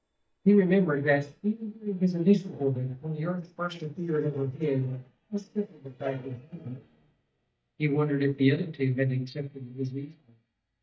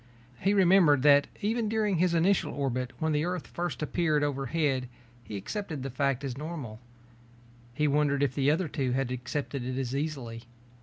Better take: second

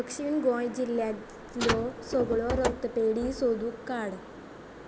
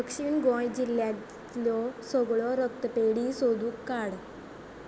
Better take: second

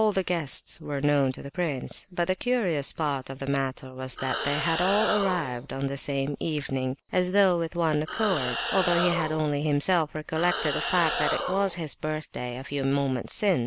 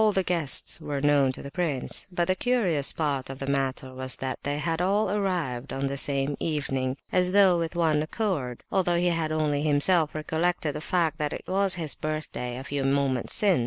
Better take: second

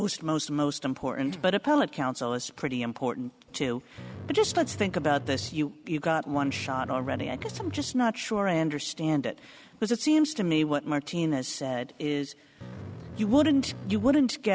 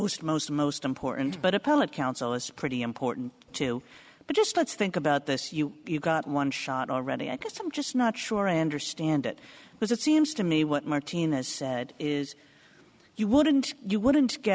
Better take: second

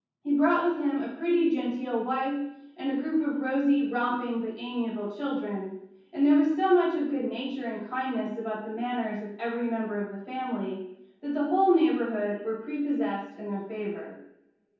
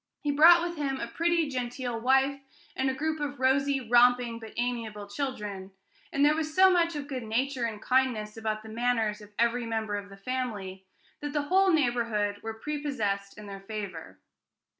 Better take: second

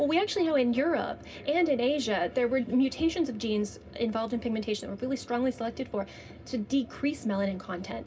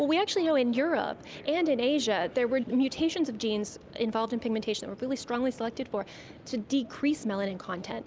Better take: second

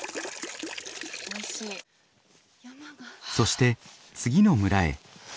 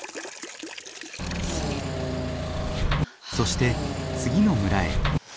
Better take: first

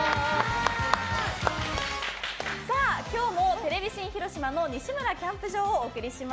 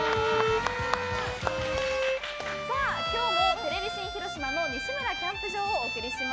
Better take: first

